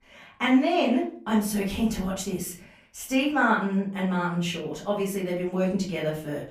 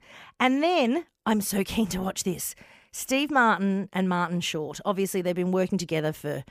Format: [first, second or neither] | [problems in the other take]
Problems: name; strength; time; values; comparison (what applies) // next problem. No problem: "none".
second | room echo; slight; dies away in 0.4 s // off-mic speech; far